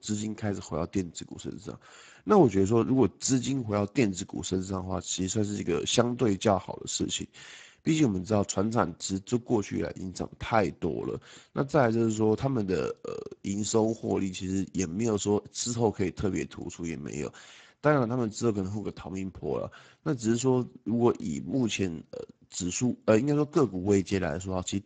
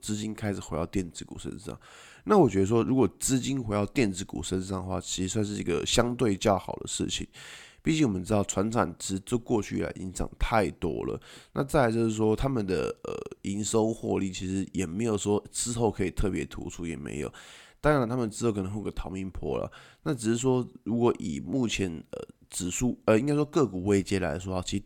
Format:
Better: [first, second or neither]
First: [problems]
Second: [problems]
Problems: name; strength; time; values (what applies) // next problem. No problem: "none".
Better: second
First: garbled, watery; badly; nothing above 7.5 kHz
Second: none